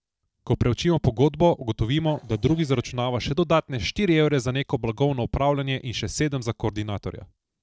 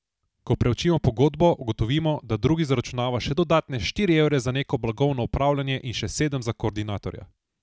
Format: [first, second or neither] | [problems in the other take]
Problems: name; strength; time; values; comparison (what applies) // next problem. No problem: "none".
second | noise reduction (neural separator model SepFormer DNS4)